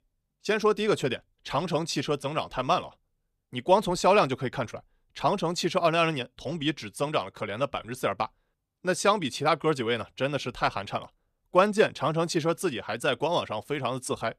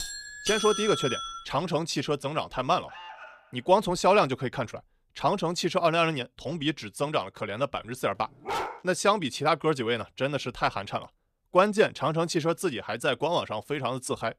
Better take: first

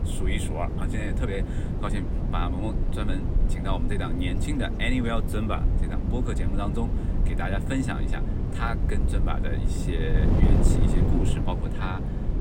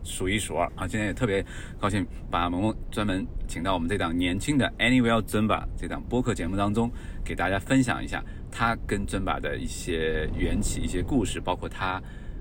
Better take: second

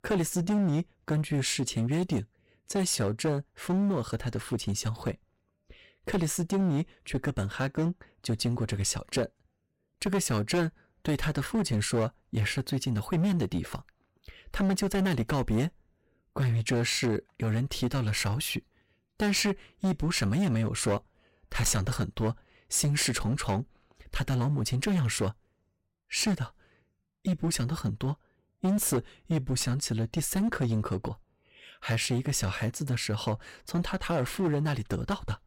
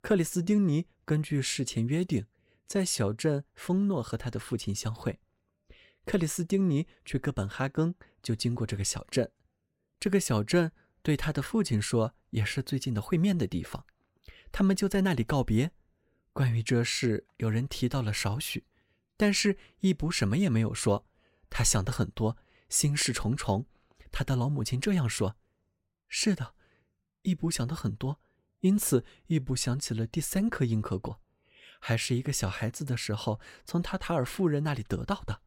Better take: second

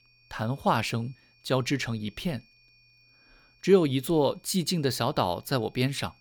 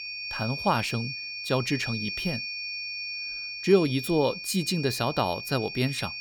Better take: first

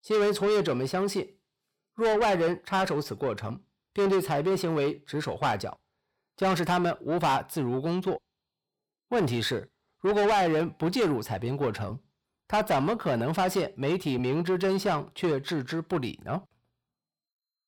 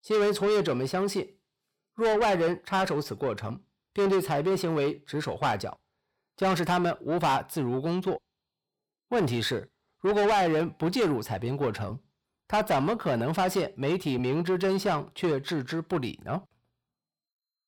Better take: neither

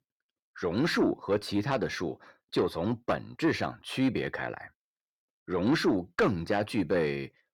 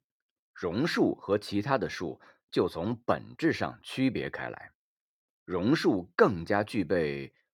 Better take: second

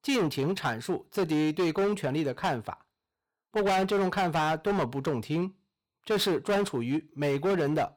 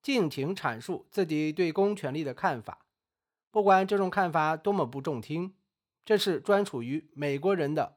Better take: second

